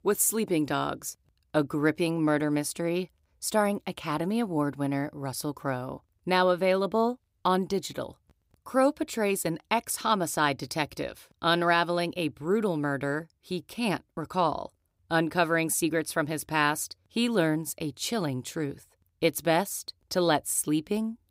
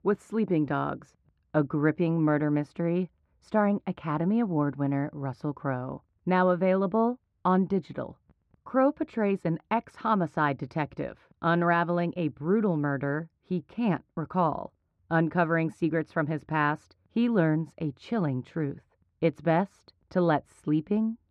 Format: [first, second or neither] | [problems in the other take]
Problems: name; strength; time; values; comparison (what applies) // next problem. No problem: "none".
first | muffled; very; fading above 1.5 kHz